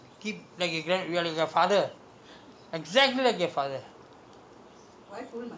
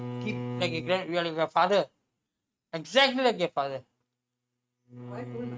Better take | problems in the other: first | noise reduction (neural mask model RNNoise)

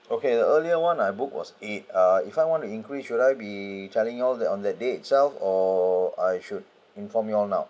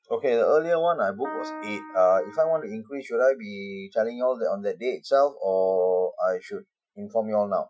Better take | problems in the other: first | noise reduction (classical method Wiener filter)

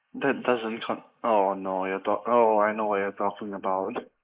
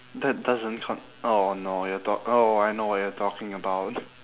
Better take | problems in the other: second | noise reduction (neural mask model Resemble Enhance denoiser)

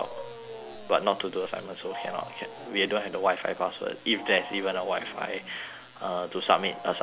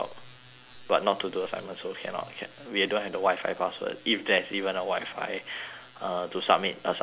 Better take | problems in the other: second | background sound (Wild animals); 14 dB below the speech

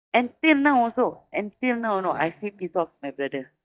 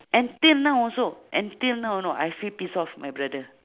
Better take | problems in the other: second | noise reduction (neural mask model DeepFilterNet 3)

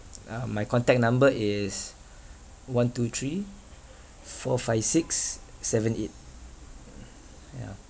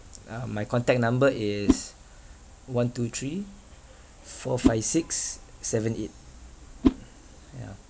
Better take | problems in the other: first | background sound (Whoosh, swoosh, swish); 2 dB below the speech

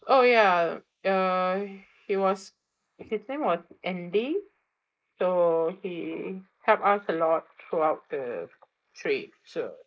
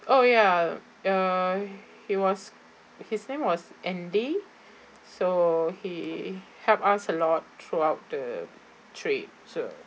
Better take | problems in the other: second | noise reduction (neural mask model Resemble Enhance denoiser)

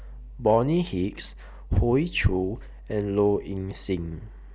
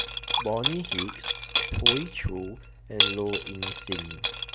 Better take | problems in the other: first | background sound (Liquid); 4 dB above the speech

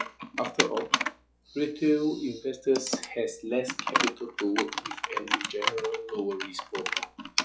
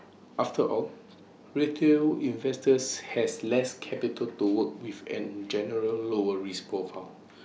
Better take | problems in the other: second | noise reduction (classical method log-MMSE)

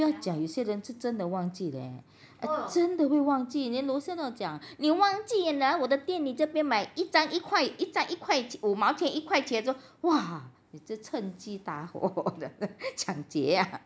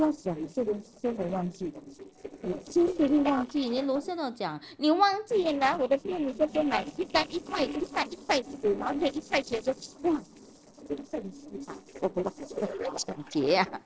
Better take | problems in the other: first | noise reduction (neural separator model SepFormer DNS4)

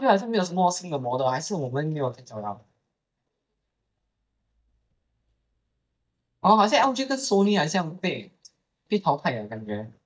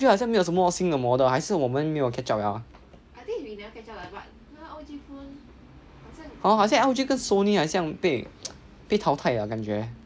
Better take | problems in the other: second | noise reduction (neural mask model DeepFilterNet 3)

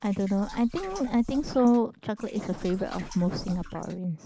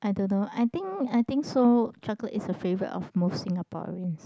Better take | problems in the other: second | background sound (Liquid); 16 dB below the speech

